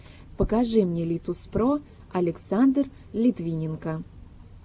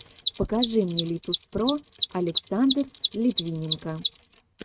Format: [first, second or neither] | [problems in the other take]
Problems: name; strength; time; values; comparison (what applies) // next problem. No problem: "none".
first | noise reduction (neural mask model RNNoise)